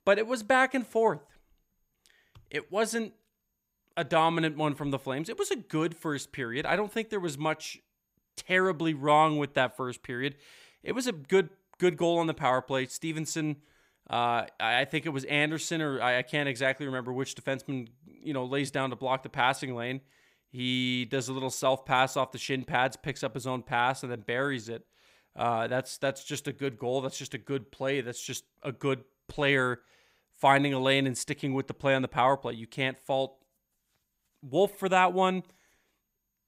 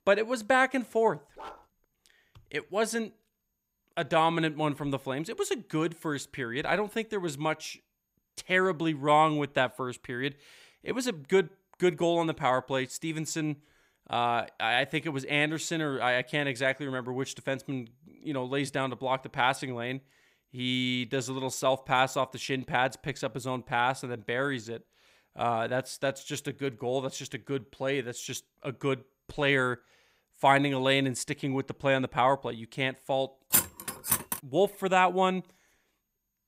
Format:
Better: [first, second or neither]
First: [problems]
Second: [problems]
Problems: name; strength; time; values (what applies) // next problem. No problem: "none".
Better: first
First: none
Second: dog barking; faint; at 1.5 s; peak 15 dB below the speech // clattering dishes; loud; at 34 s; peak 4 dB above the speech